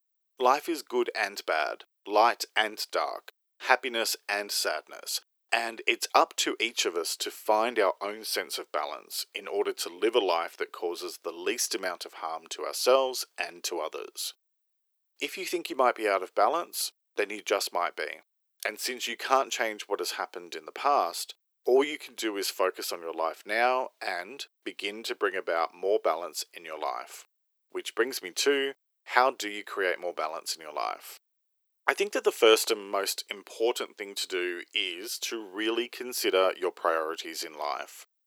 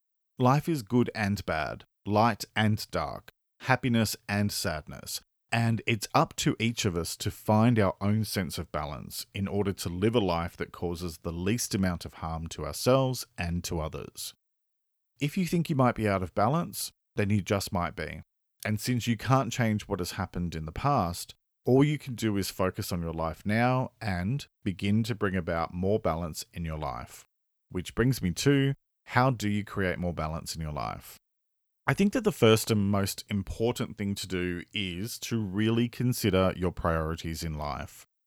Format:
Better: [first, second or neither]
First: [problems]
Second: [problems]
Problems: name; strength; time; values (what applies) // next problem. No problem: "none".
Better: second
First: thin; very; fading below 350 Hz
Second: none